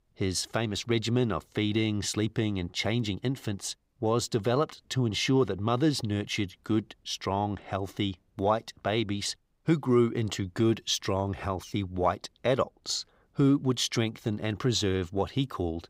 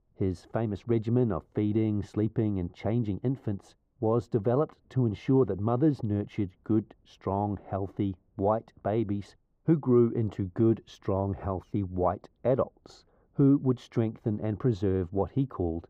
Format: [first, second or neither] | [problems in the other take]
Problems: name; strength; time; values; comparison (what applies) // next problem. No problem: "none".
first | muffled; very; fading above 2 kHz